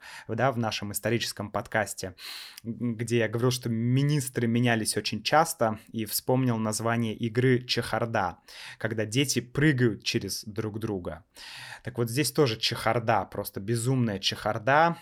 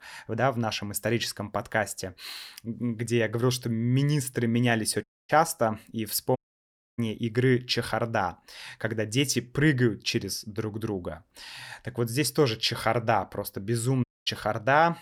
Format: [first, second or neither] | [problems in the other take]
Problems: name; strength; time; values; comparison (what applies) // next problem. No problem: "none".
first | audio cutting out; at 5 s, at 6.5 s for 0.5 s and at 14 s